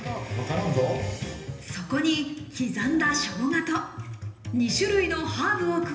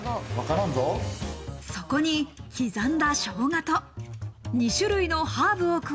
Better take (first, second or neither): second